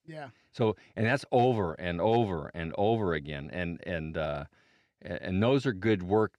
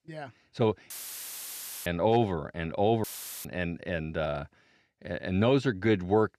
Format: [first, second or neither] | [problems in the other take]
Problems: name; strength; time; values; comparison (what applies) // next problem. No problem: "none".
first | audio cutting out; filled with static; at 1 s for 1 s and at 3 s